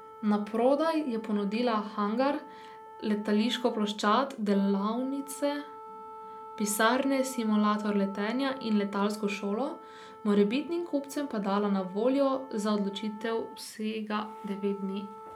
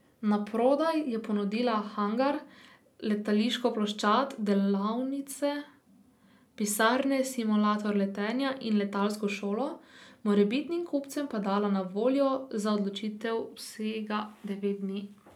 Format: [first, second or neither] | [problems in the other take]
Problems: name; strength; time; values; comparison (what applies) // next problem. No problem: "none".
second | background sound (Wind instrument, woodwind instrument); 17 dB below the speech